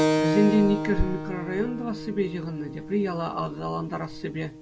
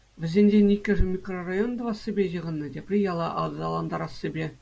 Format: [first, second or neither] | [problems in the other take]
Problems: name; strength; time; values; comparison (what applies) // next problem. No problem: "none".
second | background sound (Keyboard (musical)); 3 dB below the speech